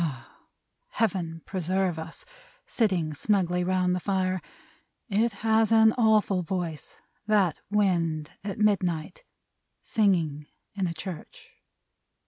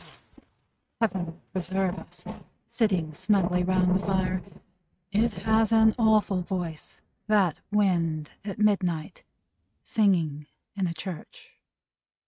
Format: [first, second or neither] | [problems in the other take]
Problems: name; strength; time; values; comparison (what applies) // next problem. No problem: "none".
first | noise reduction (neural mask model RNNoise)